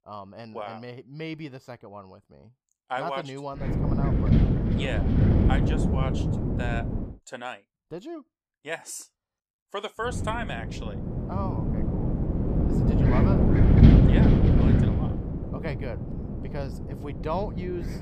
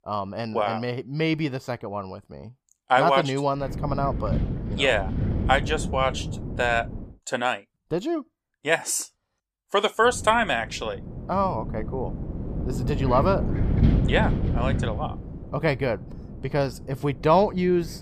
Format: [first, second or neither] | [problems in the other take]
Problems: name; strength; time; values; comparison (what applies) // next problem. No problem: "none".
second | wind noise on the microphone; heavy; from 3.5 to 7 s and from 10 s on; 3 dB above the speech; occasional gusts in the second